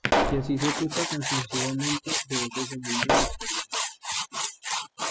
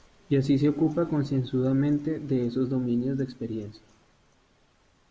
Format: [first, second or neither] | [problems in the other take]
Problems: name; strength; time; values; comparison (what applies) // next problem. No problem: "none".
second | noise reduction (classical method spectral subtraction)